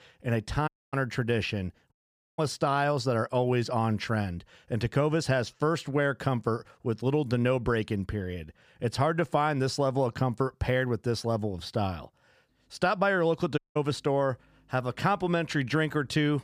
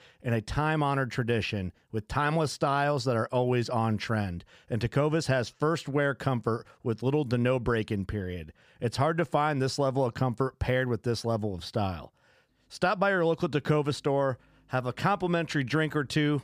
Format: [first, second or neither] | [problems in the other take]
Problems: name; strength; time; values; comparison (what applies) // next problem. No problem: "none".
second | audio cutting out; at 0.5 s, at 2 s and at 14 s